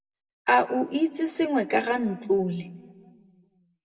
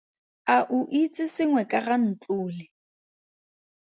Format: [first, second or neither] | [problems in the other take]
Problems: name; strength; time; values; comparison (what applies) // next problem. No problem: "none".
second | room echo; dies away in 1.2 s